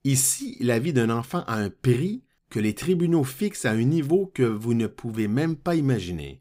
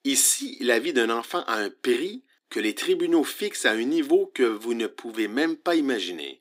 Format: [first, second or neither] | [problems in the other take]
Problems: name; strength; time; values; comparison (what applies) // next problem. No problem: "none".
first | thin; somewhat; fading below 300 Hz